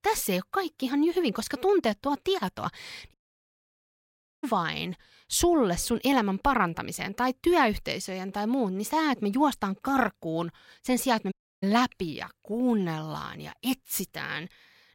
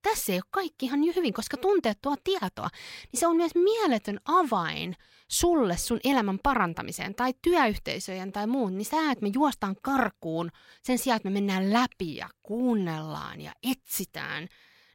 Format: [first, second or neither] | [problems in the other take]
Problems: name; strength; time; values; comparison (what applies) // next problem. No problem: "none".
second | audio cutting out; at 3 s for 1.5 s and at 11 s